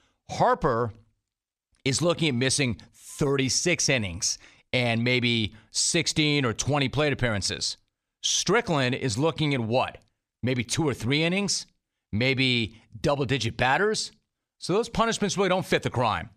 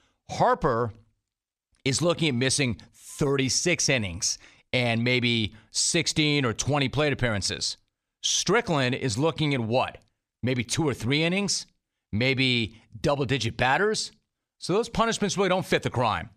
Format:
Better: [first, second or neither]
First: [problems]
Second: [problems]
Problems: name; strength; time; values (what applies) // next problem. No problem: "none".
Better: neither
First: none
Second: none